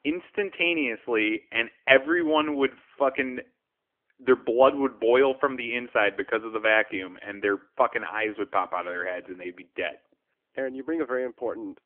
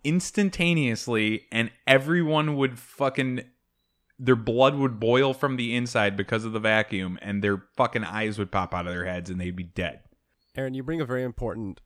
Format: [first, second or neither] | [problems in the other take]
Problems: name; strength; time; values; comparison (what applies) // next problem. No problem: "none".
second | phone-call audio; nothing above 3 kHz